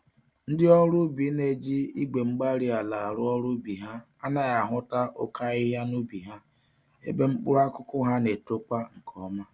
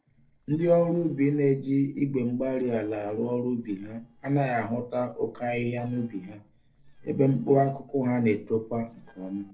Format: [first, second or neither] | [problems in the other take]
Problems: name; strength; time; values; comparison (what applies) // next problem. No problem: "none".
first | noise reduction (neural separator model SepFormer DNS4)